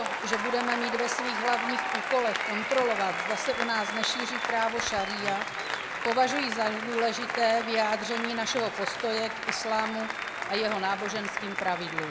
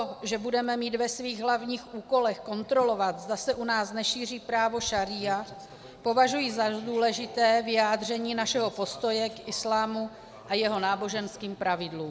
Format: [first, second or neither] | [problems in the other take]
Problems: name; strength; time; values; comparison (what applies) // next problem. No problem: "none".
second | background sound (Applause); 2 dB below the speech